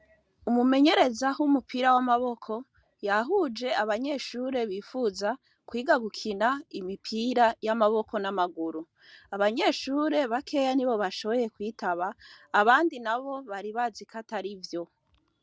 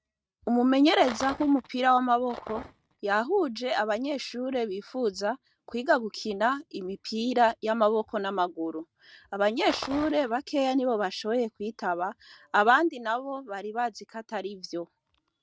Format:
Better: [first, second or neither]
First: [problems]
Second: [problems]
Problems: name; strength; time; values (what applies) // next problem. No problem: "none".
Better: first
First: none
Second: noise reduction (neural mask model RNNoise)